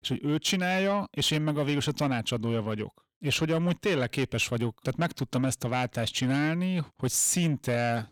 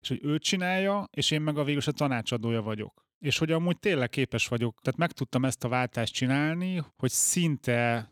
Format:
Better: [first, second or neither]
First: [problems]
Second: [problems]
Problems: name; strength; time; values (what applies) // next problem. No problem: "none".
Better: second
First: distortion; slight; 10 dB below the speech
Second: none